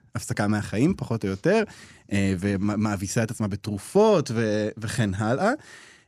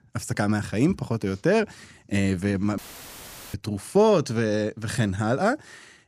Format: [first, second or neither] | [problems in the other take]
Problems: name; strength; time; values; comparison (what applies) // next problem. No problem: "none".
first | audio cutting out; filled with static; at 3 s for 1 s